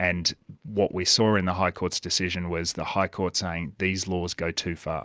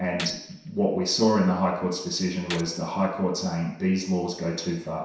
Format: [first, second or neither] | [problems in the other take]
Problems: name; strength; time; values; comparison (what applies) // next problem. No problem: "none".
first | background sound (Gunshot, gunfire); 18 dB below the speech // room echo; dies away in 0.7 s